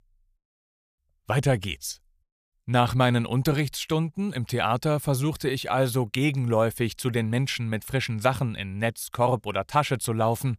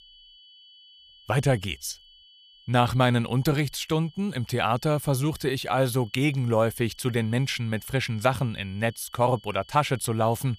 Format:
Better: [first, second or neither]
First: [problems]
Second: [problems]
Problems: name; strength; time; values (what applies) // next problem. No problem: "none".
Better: first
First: none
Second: high-pitched whine; faint; throughout; 3 kHz, 25 dB below the speech